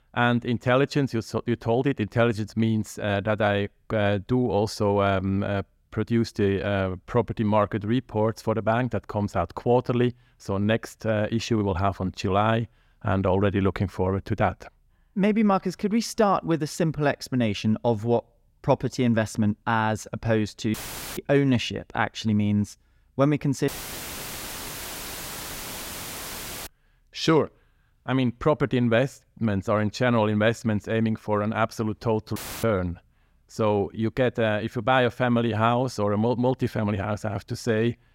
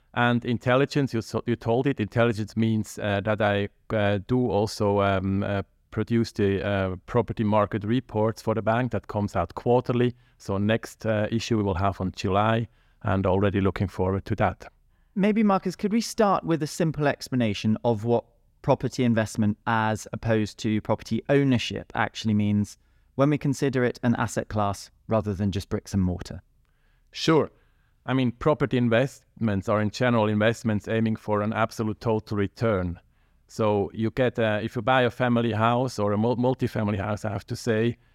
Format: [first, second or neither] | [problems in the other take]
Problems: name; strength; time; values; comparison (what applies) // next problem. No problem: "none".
second | audio cutting out; filled with static; at 21 s, at 24 s for 3 s and at 32 s